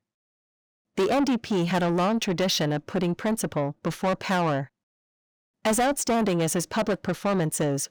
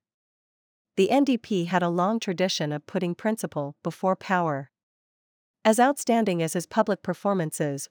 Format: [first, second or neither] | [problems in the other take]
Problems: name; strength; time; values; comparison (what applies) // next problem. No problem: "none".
second | distortion; heavy; 7 dB below the speech